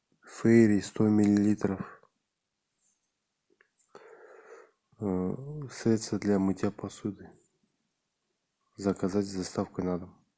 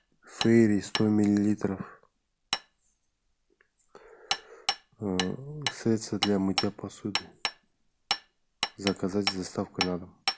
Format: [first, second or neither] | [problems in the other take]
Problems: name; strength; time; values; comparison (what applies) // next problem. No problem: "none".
first | background sound (Hammer); 7 dB below the speech